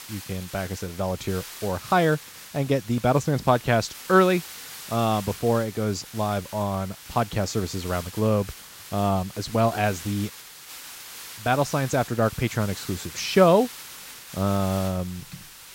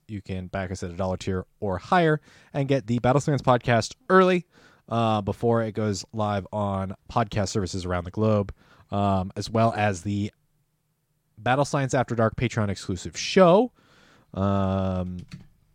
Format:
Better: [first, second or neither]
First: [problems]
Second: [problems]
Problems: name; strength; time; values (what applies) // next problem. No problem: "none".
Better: second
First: hiss; noticeable; throughout; 15 dB below the speech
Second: none